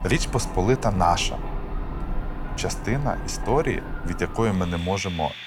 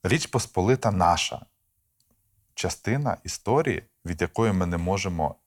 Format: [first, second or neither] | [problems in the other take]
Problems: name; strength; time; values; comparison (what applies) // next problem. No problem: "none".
second | household noises; loud; throughout; 9 dB below the speech